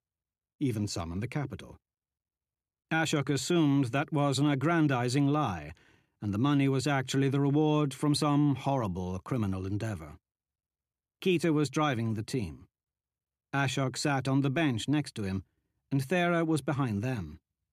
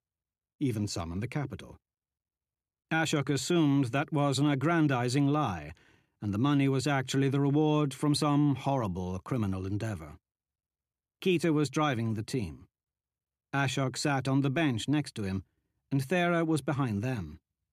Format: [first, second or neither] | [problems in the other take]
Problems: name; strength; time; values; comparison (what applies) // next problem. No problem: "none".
neither | none